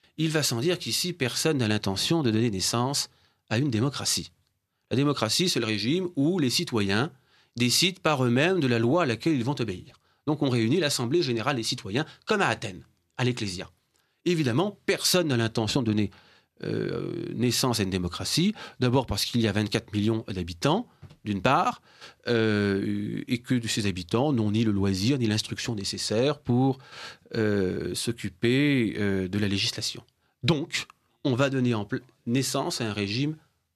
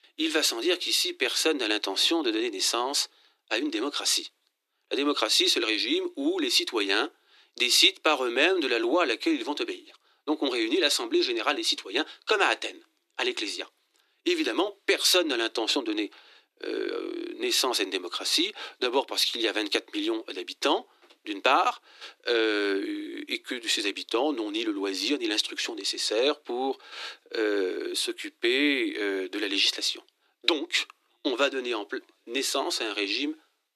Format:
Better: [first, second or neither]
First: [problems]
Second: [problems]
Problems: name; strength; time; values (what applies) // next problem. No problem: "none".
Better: first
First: none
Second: thin; somewhat; fading below 300 Hz